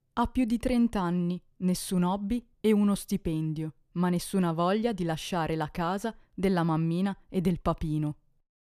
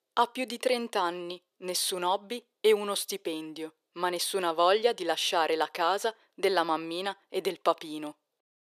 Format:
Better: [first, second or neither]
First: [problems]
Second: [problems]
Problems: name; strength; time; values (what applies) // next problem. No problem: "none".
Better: first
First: none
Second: thin; very; fading below 400 Hz